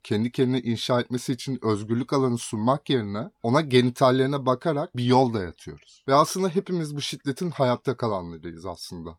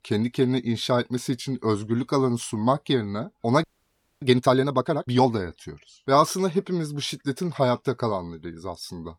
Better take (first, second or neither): first